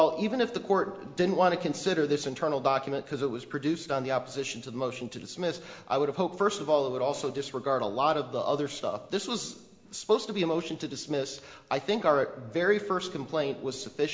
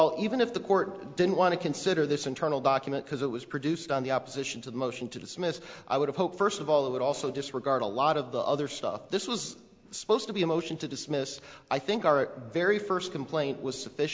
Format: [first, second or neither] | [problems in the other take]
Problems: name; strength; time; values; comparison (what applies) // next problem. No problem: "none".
second | room echo; dies away in 0.7 s